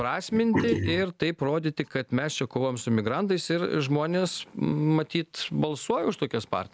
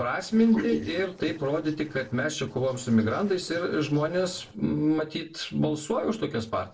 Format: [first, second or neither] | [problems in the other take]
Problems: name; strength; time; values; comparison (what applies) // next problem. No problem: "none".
first | noise reduction (neural separator model SepFormer DNS4)